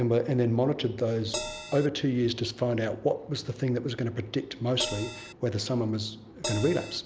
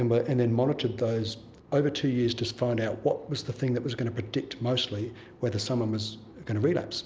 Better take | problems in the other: second | background sound (Crash cymbal); 7 dB below the speech

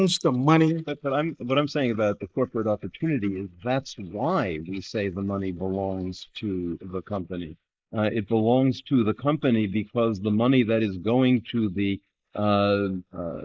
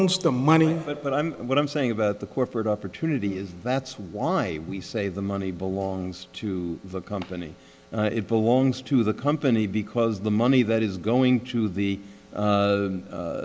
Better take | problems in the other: second | noise reduction (neural mask model Resemble Enhance denoiser)

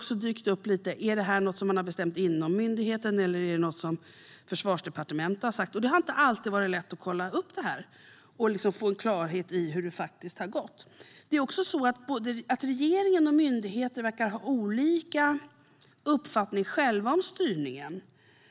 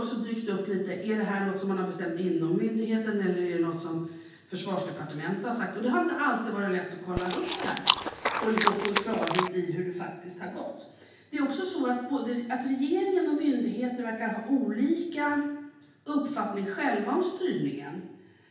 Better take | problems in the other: first | background sound (Chewing, mastication); as loud as the speech // room echo; dies away in 0.9 s

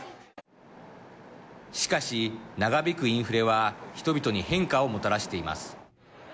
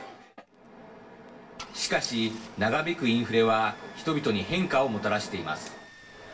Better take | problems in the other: first | background sound (Engine starting / Car); 19 dB below the speech // room echo; dies away in 0.2 s

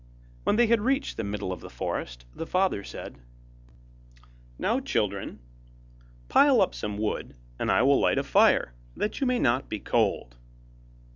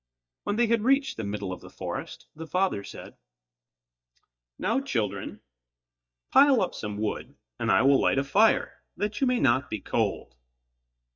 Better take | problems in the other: first | noise reduction (neural mask model DeepFilterNet 3)

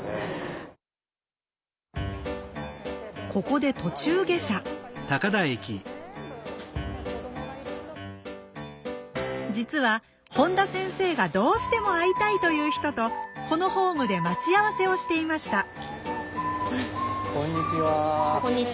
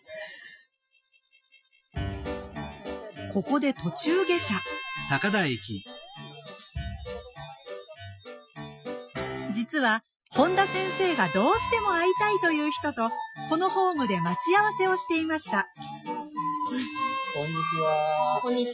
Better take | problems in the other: first | noise reduction (classical method Wiener filter)

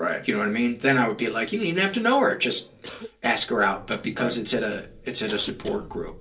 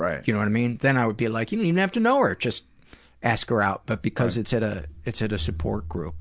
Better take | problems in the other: second | background sound (Cough); 18 dB below the speech // room echo; dies away in 0.3 s

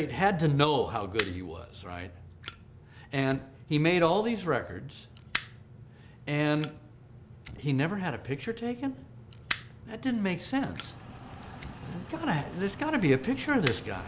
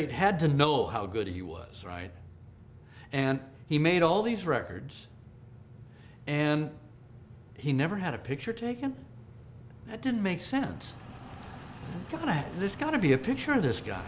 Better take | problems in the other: second | background sound (Fire); 15 dB below the speech

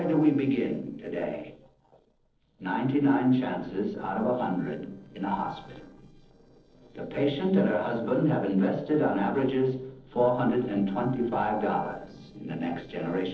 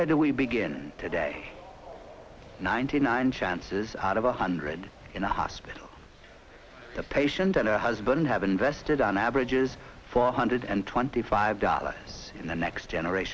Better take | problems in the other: second | noise reduction (neural separator model SepFormer DNS4)

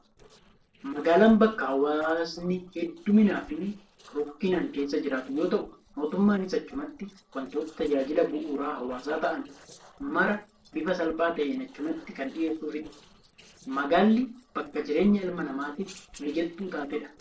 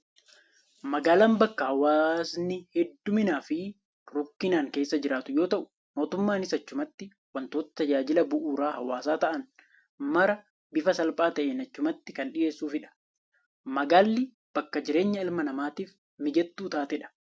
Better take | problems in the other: second | noise reduction (neural separator model SepFormer DNS4)

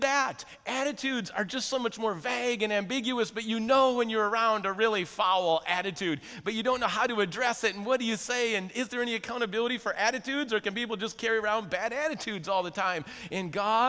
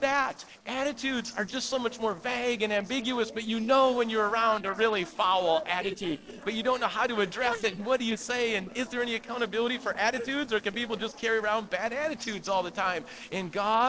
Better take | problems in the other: first | noise reduction (neural separator model SepFormer DNS4)

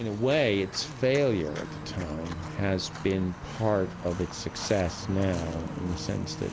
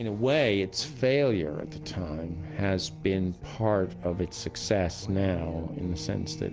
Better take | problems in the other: second | background sound (Walk, footsteps); 14 dB below the speech

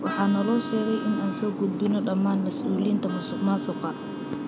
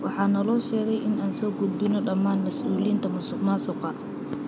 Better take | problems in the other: second | background sound (Vehicle horn, car horn, honking); 16 dB below the speech

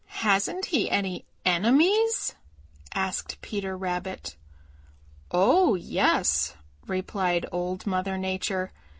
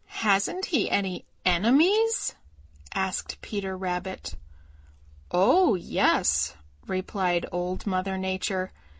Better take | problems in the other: first | background sound (Thump, thud); 14 dB below the speech

